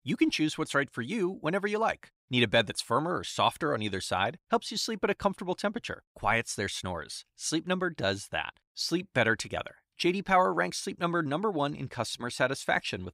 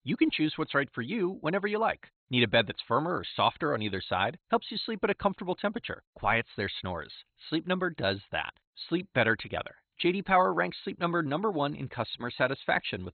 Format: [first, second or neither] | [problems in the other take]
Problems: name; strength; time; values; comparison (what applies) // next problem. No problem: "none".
first | garbled, watery; badly; nothing above 4 kHz